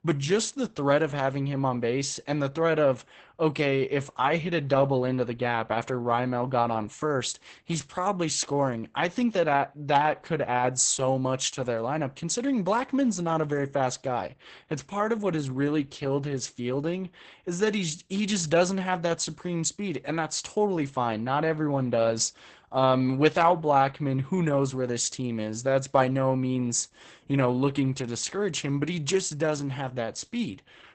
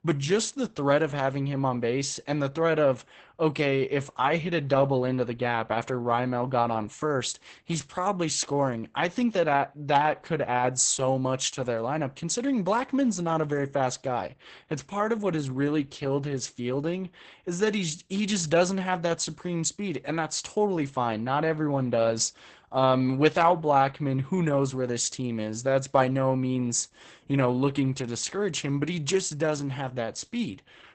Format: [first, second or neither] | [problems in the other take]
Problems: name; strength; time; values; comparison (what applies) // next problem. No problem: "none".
neither | garbled, watery; badly; nothing above 8 kHz; the same in both